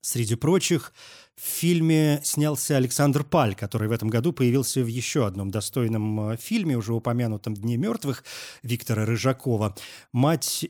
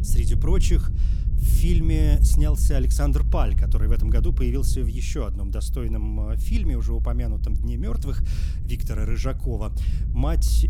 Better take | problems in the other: first | low rumble; loud; throughout; 8 dB below the speech

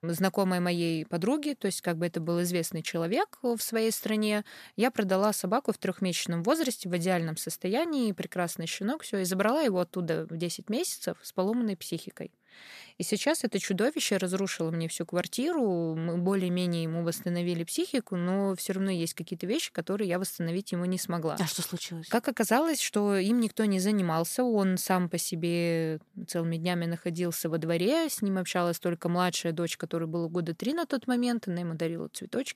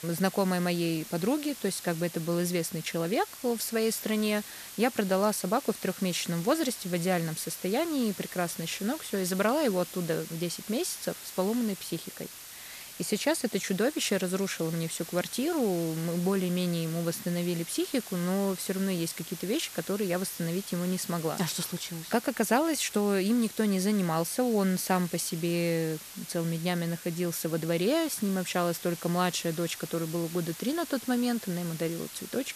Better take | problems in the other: first | hiss; noticeable; throughout; 10 dB below the speech

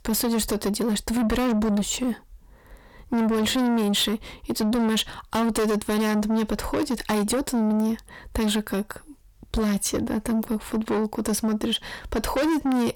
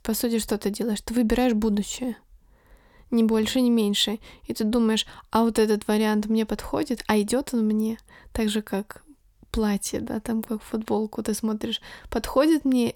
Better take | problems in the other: second | distortion; heavy; 6 dB below the speech

